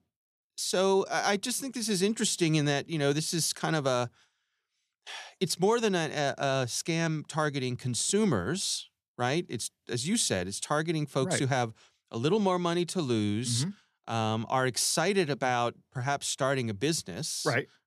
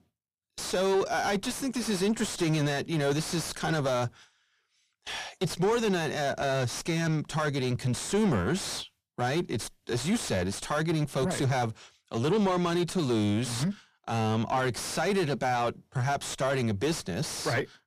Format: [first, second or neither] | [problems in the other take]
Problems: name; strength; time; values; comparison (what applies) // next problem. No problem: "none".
first | distortion; heavy; 6 dB below the speech